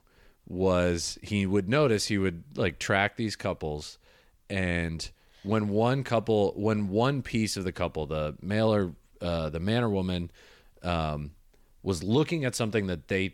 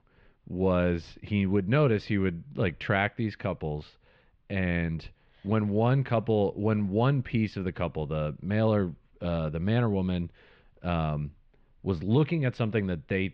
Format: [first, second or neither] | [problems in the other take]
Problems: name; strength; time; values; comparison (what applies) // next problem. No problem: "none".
first | muffled; very; fading above 3.5 kHz